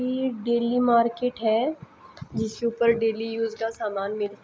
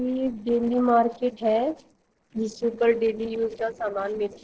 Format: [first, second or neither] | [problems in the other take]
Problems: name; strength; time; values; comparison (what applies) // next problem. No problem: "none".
first | noise reduction (neural separator model SepFormer DNS4)